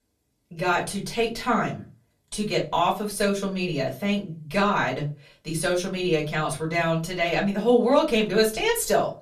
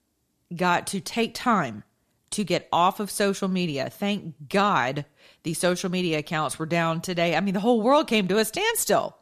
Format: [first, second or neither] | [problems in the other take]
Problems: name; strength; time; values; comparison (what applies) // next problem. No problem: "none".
second | off-mic speech; far // room echo; very slight; dies away in 0.3 s